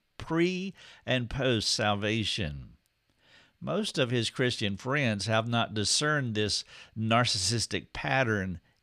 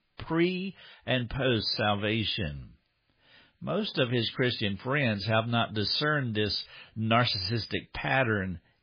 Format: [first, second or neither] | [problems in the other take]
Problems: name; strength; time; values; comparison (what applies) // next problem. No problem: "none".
first | garbled, watery; badly